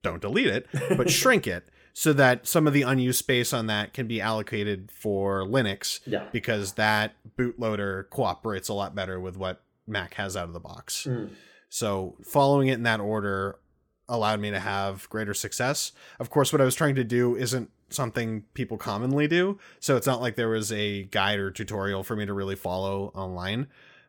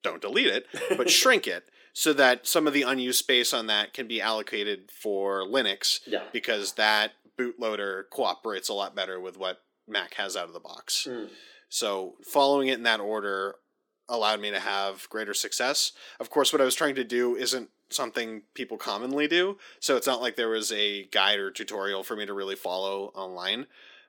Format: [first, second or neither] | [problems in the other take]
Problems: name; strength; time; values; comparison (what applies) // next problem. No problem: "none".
first | thin; somewhat; fading below 300 Hz